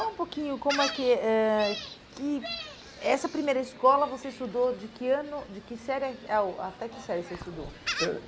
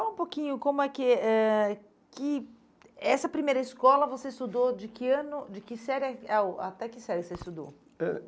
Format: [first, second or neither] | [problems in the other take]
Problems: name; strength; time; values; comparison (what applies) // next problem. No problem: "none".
second | background sound (Gull, seagull); 11 dB below the speech